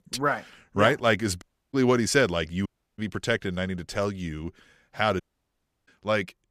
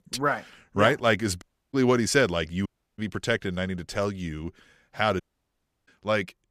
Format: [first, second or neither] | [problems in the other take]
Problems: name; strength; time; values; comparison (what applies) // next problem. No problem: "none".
neither | audio cutting out; at 1.5 s, at 2.5 s and at 5 s for 0.5 s; the same in both